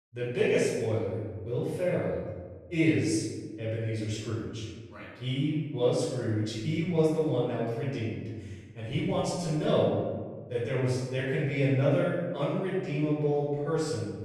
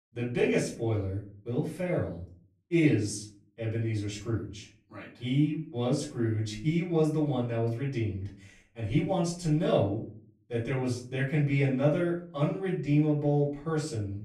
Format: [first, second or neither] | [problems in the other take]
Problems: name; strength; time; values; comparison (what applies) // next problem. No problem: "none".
second | room echo; strong; dies away in 1.3 s; slight in the second // off-mic speech; far; far in the second